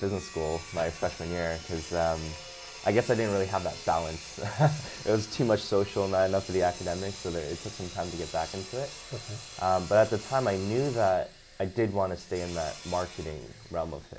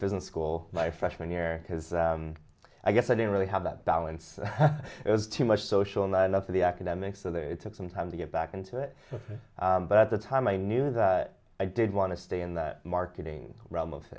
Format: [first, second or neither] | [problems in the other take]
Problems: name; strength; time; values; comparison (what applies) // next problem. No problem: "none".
second | background sound (Sawing); 15 dB below the speech